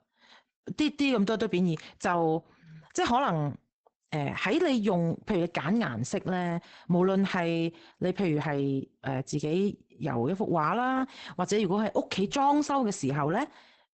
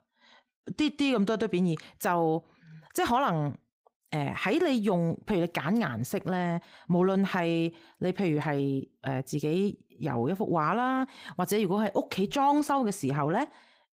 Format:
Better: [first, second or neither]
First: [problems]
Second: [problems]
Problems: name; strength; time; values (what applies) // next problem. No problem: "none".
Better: second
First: garbled, watery; badly; nothing above 8 kHz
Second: garbled, watery; slightly; nothing above 15.5 kHz